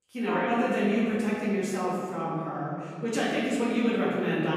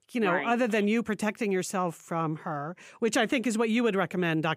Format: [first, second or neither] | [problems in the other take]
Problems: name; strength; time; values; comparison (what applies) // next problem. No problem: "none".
second | room echo; strong; dies away in 2.3 s // off-mic speech; far